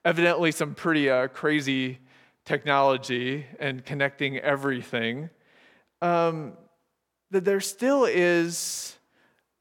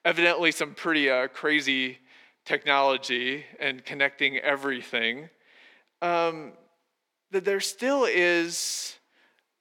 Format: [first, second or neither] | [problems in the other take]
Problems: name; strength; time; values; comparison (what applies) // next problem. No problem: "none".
first | thin; very slightly; fading below 300 Hz